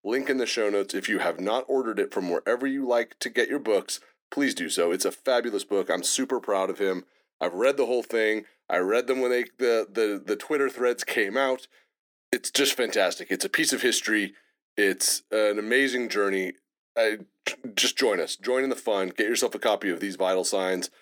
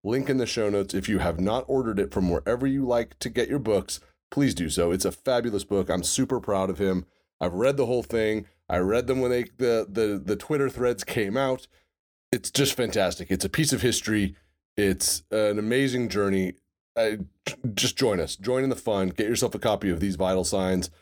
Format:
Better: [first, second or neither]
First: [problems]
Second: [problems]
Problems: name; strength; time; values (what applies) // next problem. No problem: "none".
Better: second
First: thin; very slightly; fading below 250 Hz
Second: none